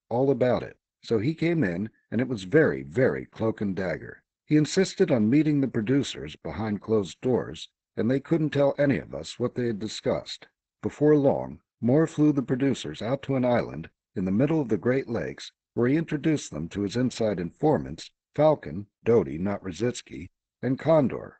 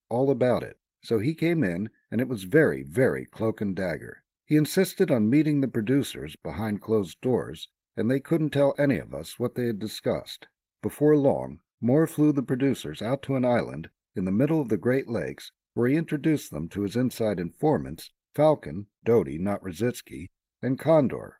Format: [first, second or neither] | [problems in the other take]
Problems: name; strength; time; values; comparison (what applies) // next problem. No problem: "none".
second | garbled, watery; badly; nothing above 8 kHz; slightly in the second